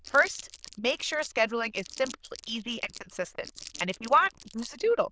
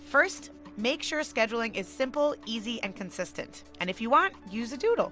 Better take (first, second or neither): second